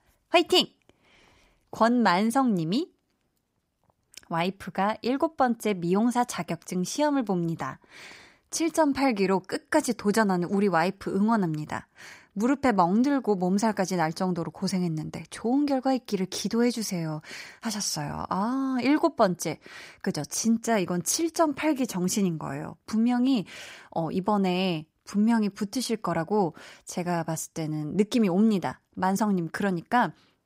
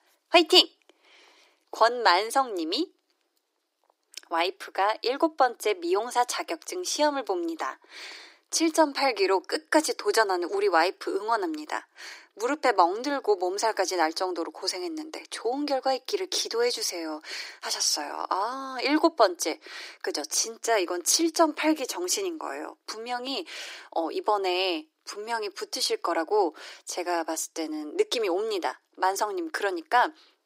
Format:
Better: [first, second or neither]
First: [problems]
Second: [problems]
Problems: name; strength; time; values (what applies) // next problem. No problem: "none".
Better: first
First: none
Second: thin; very; fading below 300 Hz